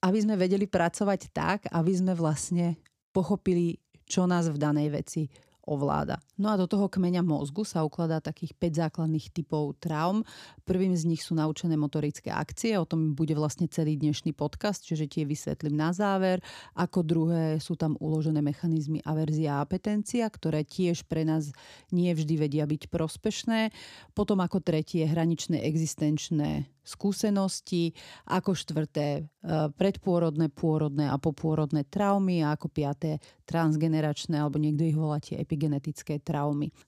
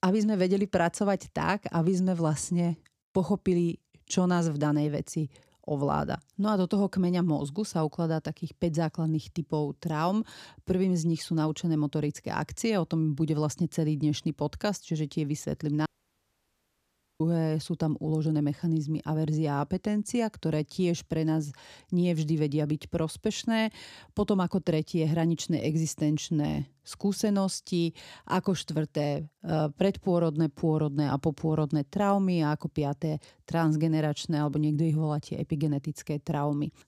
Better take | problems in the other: first | audio cutting out; at 16 s for 1.5 s

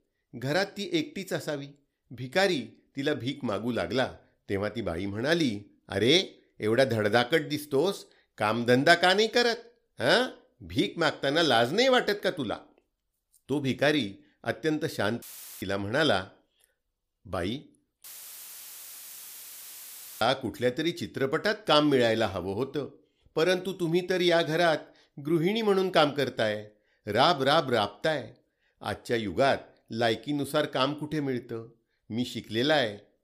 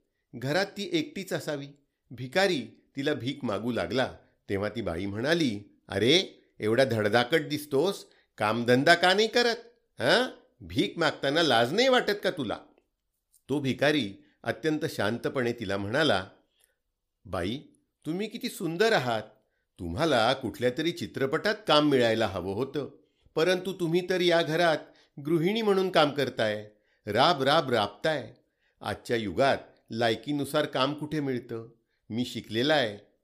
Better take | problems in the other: second | audio cutting out; filled with static; at 15 s and at 18 s for 2 s

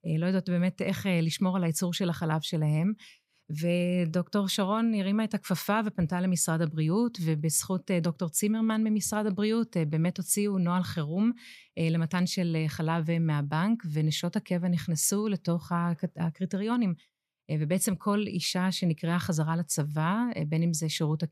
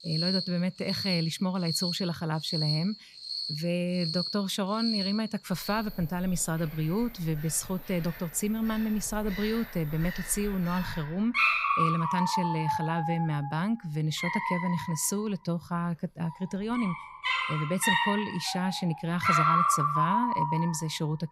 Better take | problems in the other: first | animal sounds; very loud; throughout; as loud as the speech

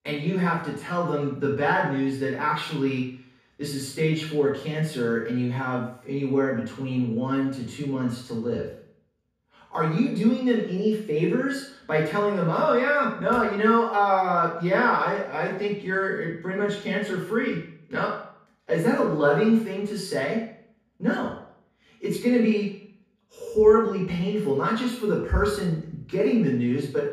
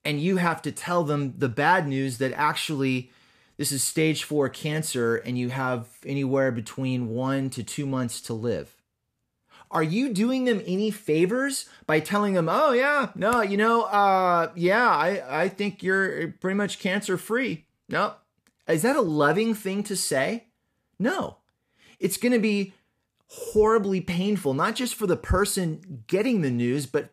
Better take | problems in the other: second | room echo; noticeable; dies away in 0.6 s // off-mic speech; far

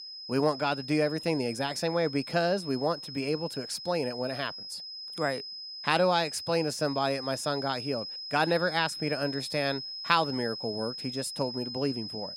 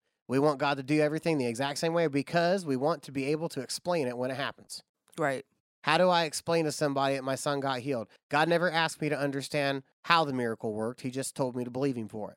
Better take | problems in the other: second | high-pitched whine; loud; throughout; 5 kHz, 8 dB below the speech

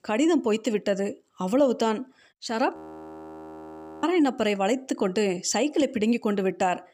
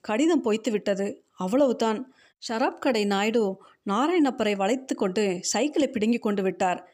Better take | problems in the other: second | audio freezing; at 3 s for 1.5 s

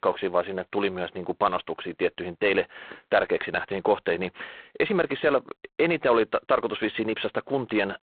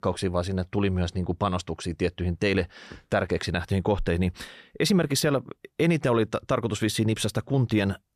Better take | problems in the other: second | phone-call audio; poor line; nothing above 4 kHz

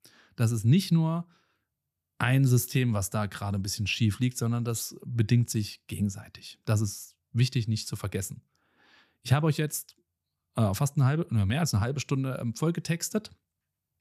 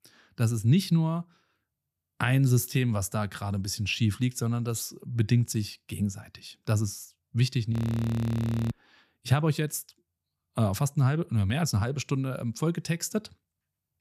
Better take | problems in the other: first | audio freezing; at 7.5 s for 1 s

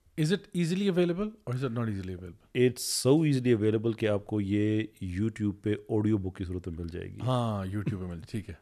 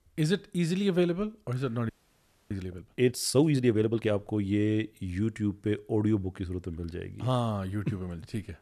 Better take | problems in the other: first | audio freezing; at 2 s for 0.5 s

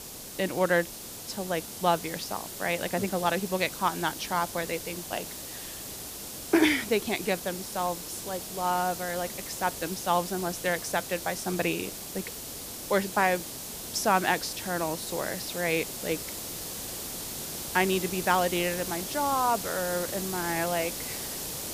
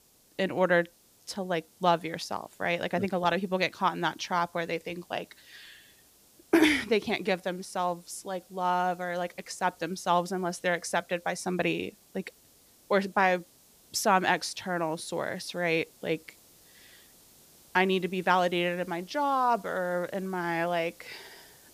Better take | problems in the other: second | hiss; loud; throughout; 6 dB below the speech; faint in the second

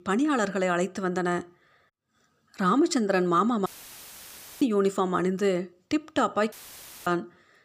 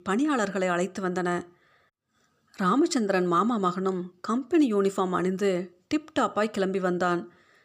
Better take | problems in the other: second | audio cutting out; filled with static; at 3.5 s for 1 s and at 6.5 s for 0.5 s

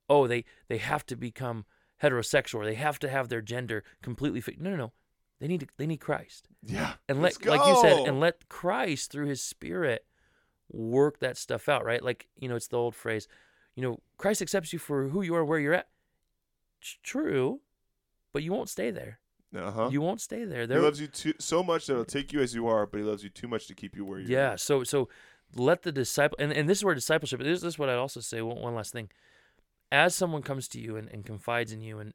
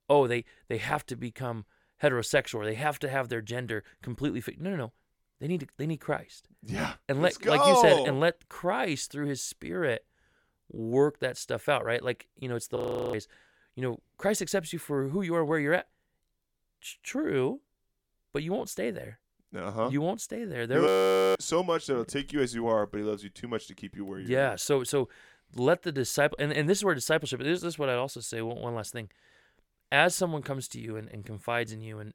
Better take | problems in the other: first | audio freezing; at 13 s and at 21 s

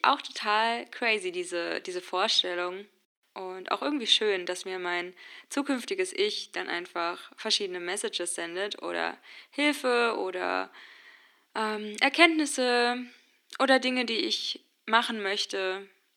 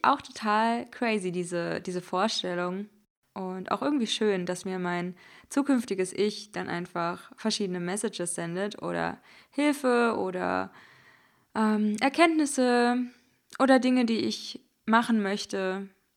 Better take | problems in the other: second | thin; very slightly; fading below 300 Hz

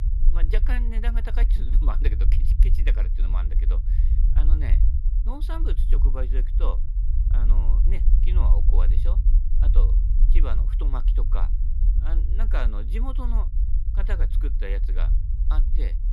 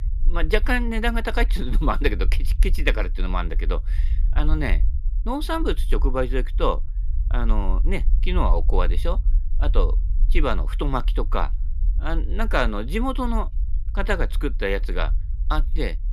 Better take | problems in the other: second | low rumble; loud; throughout; 6 dB below the speech; faint in the second

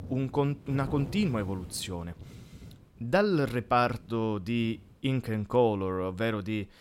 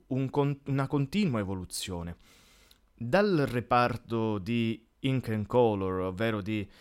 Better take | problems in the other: second | wind noise on the microphone; occasional gusts; 20 dB below the speech

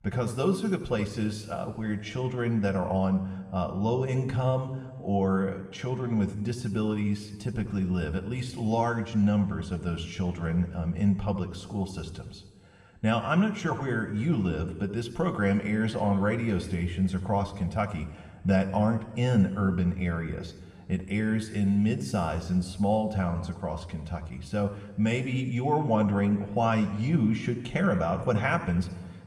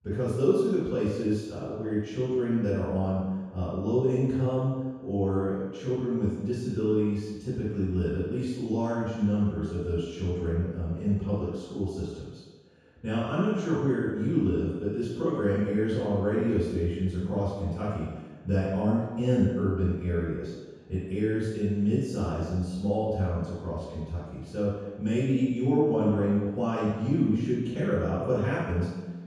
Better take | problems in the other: first | room echo; strong; dies away in 1.1 s; slight in the first // off-mic speech; far

